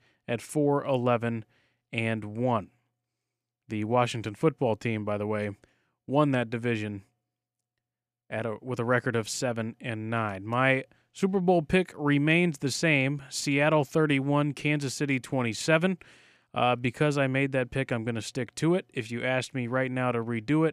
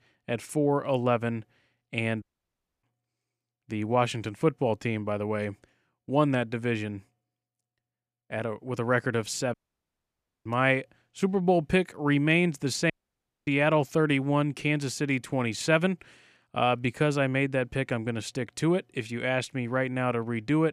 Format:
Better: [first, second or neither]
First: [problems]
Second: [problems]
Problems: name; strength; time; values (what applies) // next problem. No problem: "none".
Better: first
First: none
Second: audio cutting out; at 2 s for 0.5 s, at 9.5 s for 1 s and at 13 s for 0.5 s